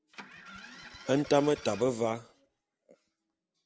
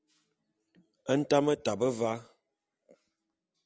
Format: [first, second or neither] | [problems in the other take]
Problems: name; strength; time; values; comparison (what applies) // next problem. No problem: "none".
second | background sound (Engine starting); 17 dB below the speech